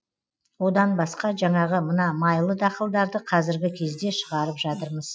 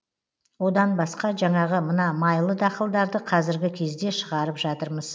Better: second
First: noise reduction (classical method Wiener filter)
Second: none

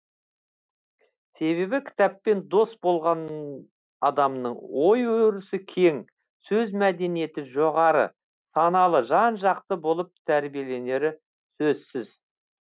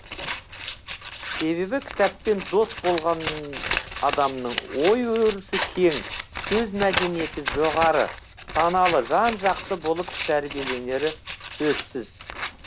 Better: first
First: none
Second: background sound (Scissors); 8 dB below the speech

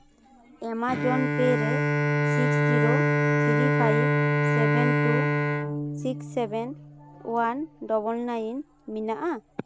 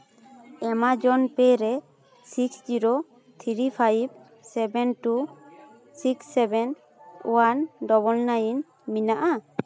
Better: second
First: background sound (Bowed string instrument); 5 dB above the speech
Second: none

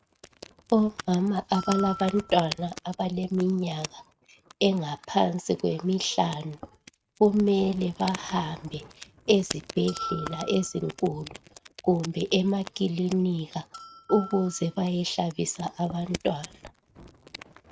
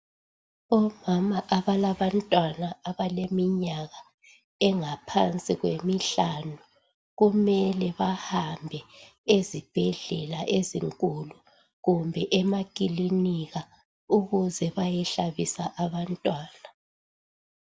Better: second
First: noise reduction (neural mask model RNNoise)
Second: none

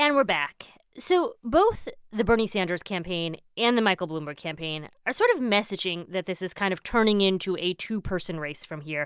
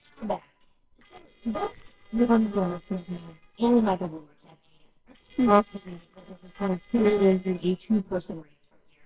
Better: first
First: none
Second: noise reduction (neural separator model SepFormer WHAMR!)

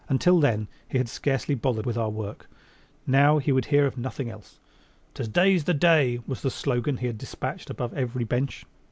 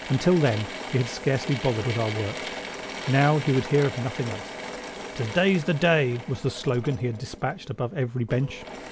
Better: first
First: none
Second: background sound (Drill / Mechanisms); 11 dB below the speech

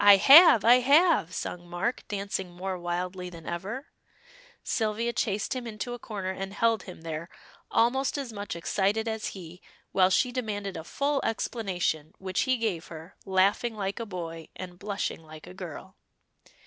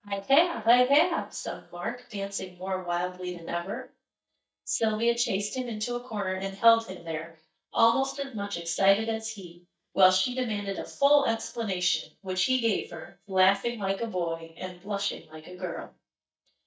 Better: first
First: none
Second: noise reduction (neural mask model DeepFilterNet 3)

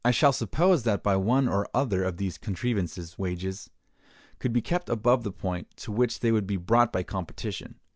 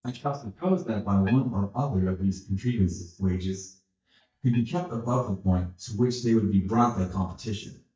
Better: first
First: none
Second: noise reduction (neural mask model DeepFilterNet 3)

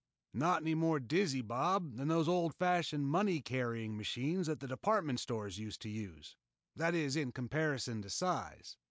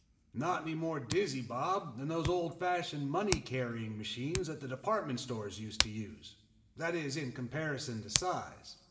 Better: first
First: none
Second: background sound (Hands); 7 dB below the speech // room echo; dies away in 1.1 s

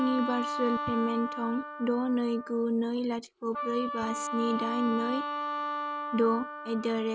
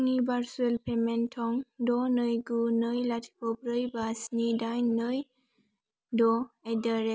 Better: second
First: background sound (Wind instrument, woodwind instrument); 5 dB below the speech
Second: none

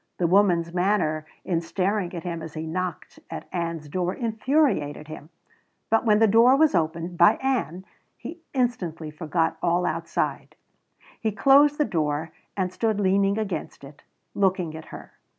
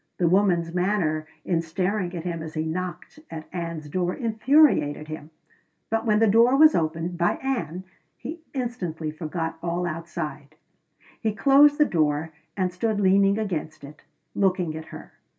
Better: first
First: none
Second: room echo; dies away in 0.1 s

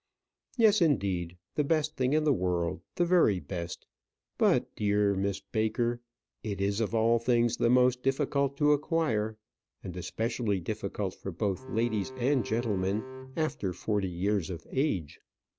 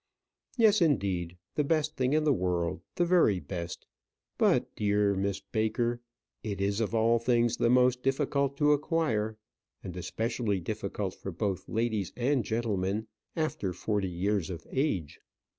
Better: second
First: background sound (Bowed string instrument); 14 dB below the speech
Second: none

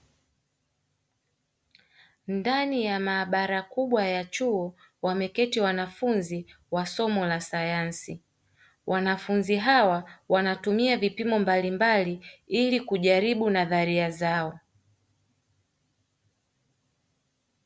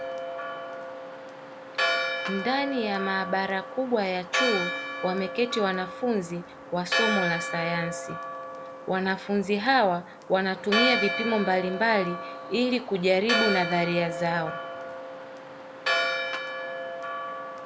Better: first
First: none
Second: background sound (Church bell); 3 dB below the speech

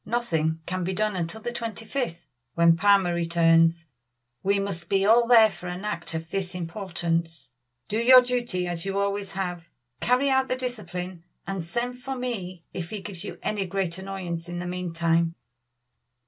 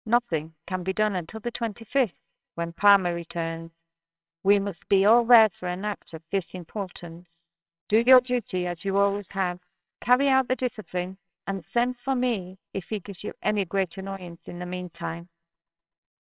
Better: first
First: none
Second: noise reduction (neural separator model SepFormer WHAMR!)

